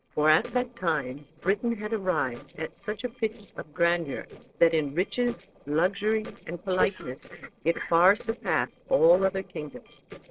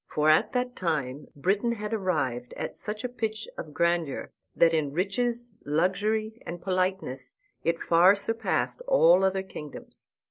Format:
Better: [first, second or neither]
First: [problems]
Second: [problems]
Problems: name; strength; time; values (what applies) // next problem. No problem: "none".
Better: second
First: noise reduction (neural separator model SepFormer DNS4)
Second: none